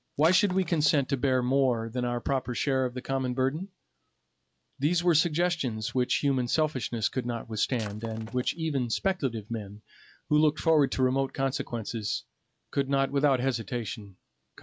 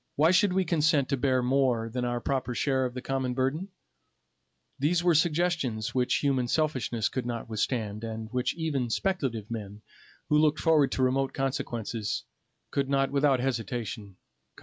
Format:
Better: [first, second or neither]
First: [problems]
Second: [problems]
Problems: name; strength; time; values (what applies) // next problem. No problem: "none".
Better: second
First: background sound (Shatter); 18 dB below the speech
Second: none